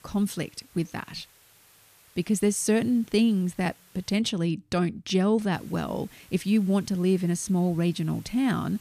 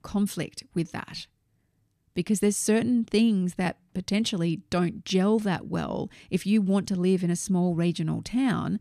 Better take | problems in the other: second | hiss; faint; until 4 s and from 5.5 s on; 25 dB below the speech

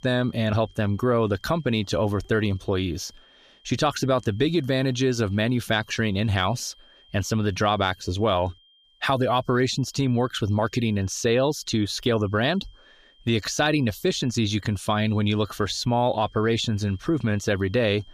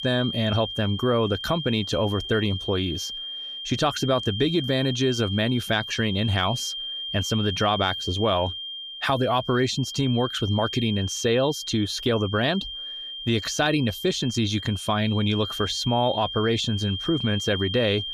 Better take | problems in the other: first | high-pitched whine; loud; throughout; 3 kHz, 7 dB below the speech; faint in the first

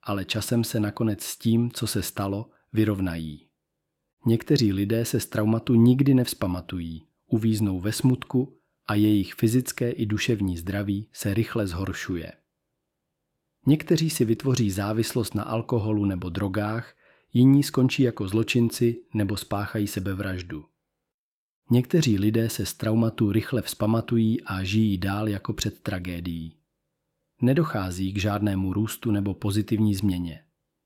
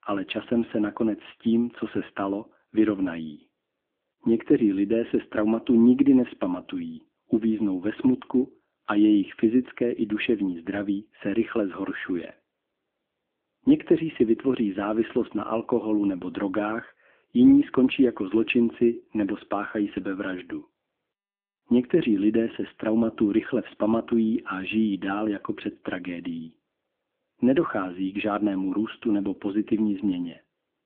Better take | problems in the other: first | phone-call audio; poor line

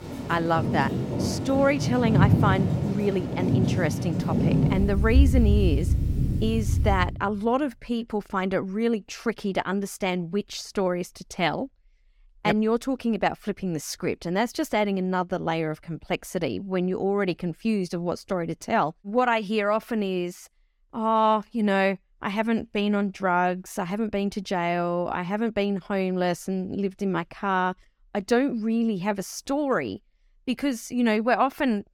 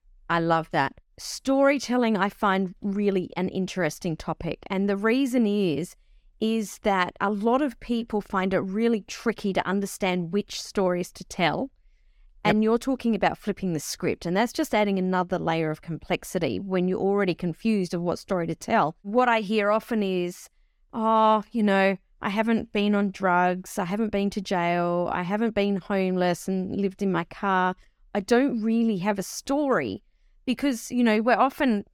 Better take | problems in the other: second | rain or running water; very loud; until 7 s; 1 dB above the speech

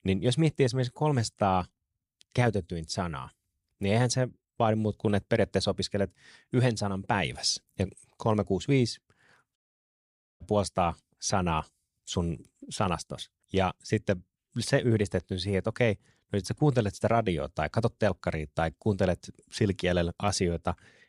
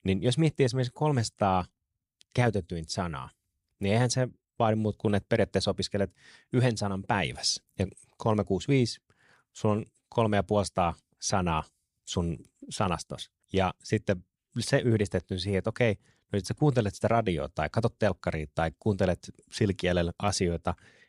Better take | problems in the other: second | audio cutting out; at 9.5 s for 1 s

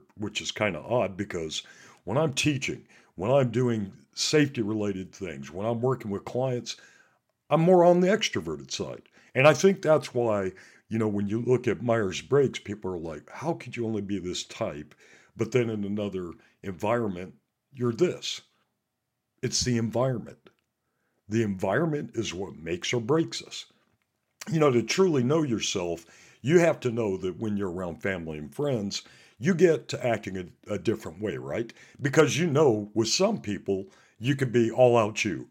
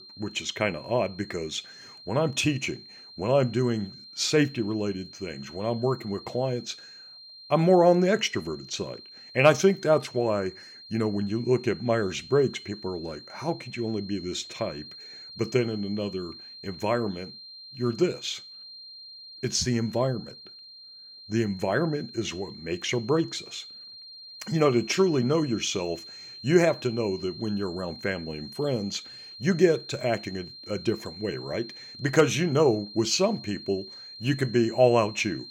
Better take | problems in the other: first | high-pitched whine; noticeable; throughout; 4 kHz, 15 dB below the speech

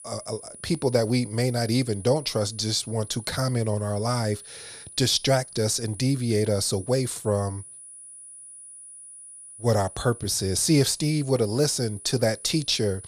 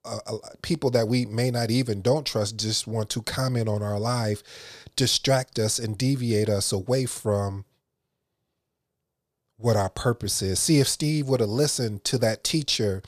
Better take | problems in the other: second | high-pitched whine; noticeable; throughout; 10 kHz, 15 dB below the speech

